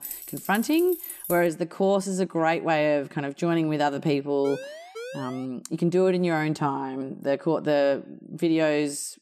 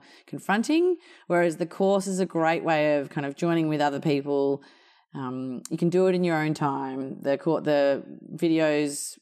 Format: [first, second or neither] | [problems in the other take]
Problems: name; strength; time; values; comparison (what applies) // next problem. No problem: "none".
second | jangling keys; noticeable; until 1.5 s; peak 8 dB below the speech // siren; faint; from 4.5 to 5.5 s; peak 10 dB below the speech